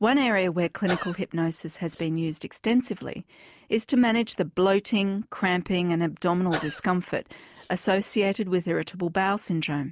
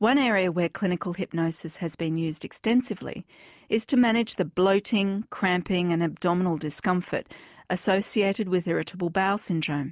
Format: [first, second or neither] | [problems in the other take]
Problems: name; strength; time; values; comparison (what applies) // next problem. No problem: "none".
second | background sound (Sneeze / Cough); 14 dB below the speech